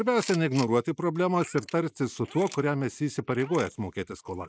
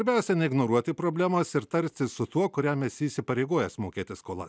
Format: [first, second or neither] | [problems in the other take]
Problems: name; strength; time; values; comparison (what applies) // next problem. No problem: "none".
second | noise reduction (neural mask model Resemble Enhance denoiser)